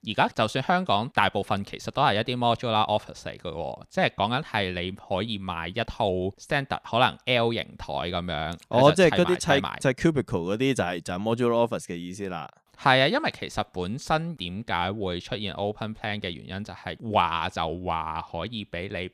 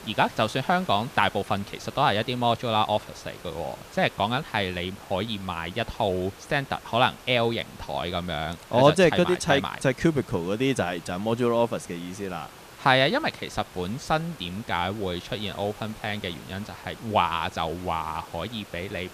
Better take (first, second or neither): first